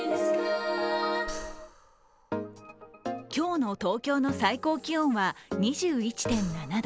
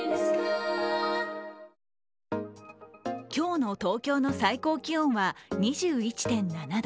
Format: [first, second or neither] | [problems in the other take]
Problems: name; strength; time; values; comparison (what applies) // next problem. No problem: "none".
second | background sound (Breathing); 19 dB below the speech